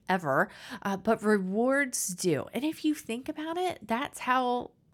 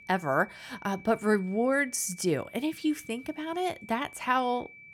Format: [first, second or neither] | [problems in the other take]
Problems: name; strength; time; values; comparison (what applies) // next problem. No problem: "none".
first | high-pitched whine; noticeable; throughout; 2.5 kHz, 20 dB below the speech